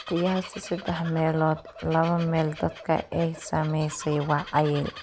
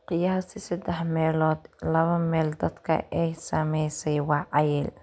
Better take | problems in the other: second | background sound (Bird vocalization, bird call, bird song); 16 dB below the speech

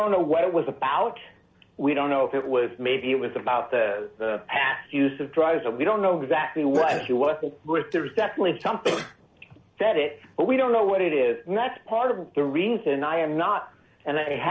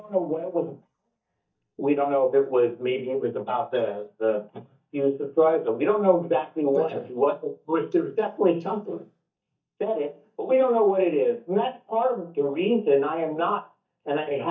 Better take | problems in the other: first | noise reduction (neural mask model DeepFilterNet 3)

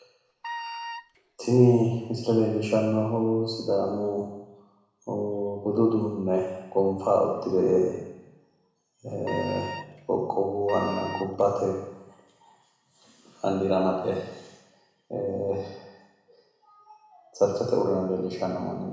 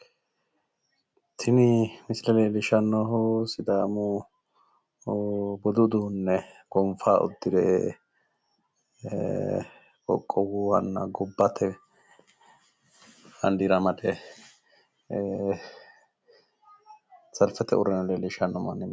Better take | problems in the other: second | background sound (Wind instrument, woodwind instrument); 11 dB below the speech // room echo; dies away in 1 s

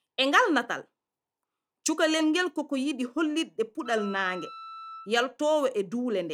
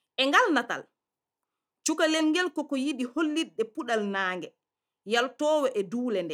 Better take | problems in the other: second | background sound (Wind instrument, woodwind instrument); 15 dB below the speech

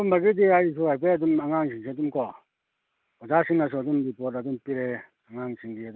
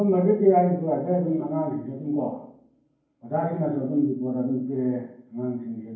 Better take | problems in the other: first | room echo; dies away in 0.9 s

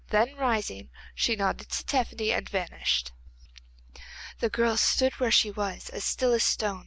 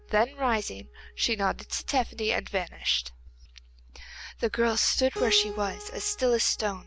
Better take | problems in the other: first | background sound (Keyboard (musical)); 15 dB below the speech

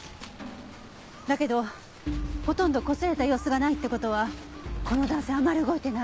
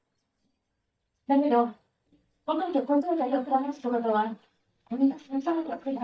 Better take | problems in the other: first | noise reduction (neural mask model DeepFilterNet 3)

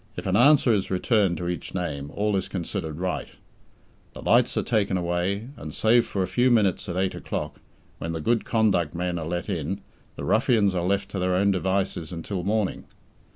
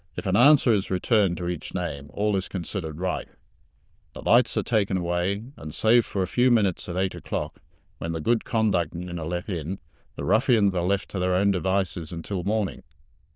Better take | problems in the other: first | noise reduction (neural diffusion model UNIVERSE++)

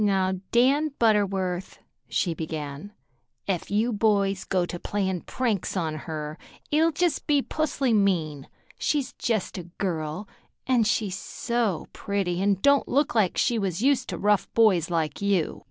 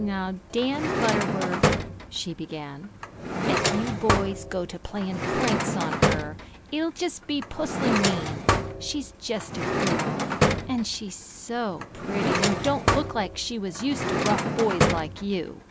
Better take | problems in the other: first | background sound (Drawer open or close); 2 dB above the speech

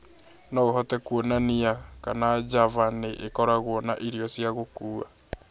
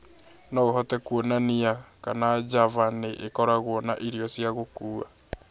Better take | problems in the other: second | background sound (Explosion); 20 dB below the speech

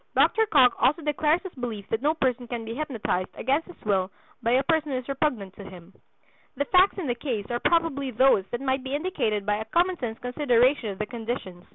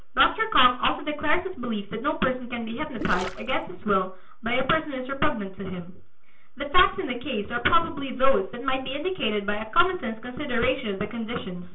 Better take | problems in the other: first | background sound (Gurgling); 12 dB below the speech // room echo; dies away in 0.3 s

